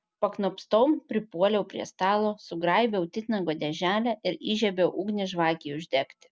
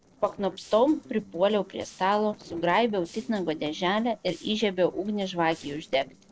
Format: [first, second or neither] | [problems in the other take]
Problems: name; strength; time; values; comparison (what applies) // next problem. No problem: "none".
first | noise reduction (neural separator model SepFormer DNS4)